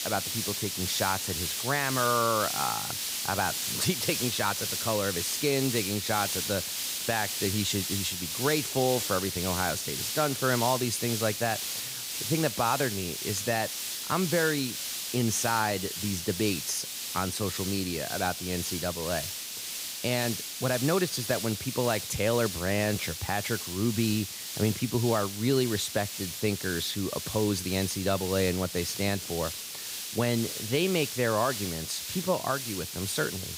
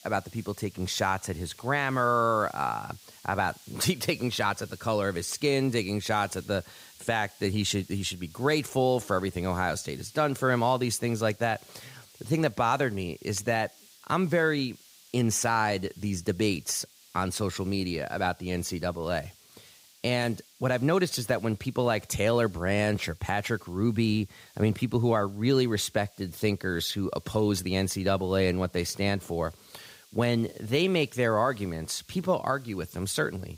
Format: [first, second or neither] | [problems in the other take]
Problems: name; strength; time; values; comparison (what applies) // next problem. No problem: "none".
second | hiss; loud; throughout; 3 dB below the speech; faint in the second